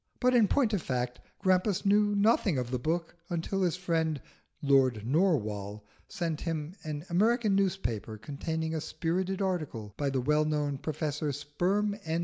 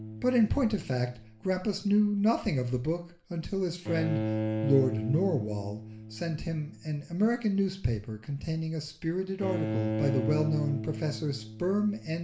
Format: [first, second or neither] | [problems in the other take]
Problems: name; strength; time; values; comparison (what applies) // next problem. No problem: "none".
first | background sound (Bowed string instrument); 7 dB below the speech // room echo; dies away in 0.4 s